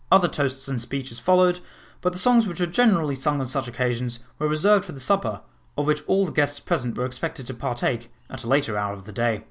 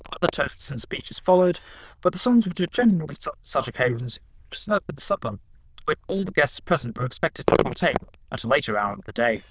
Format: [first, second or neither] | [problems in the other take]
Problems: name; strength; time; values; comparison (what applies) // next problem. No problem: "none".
first | noise reduction (neural diffusion model UNIVERSE++)